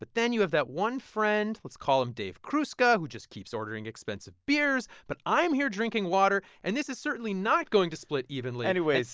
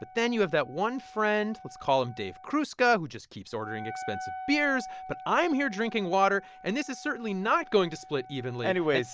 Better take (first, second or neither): first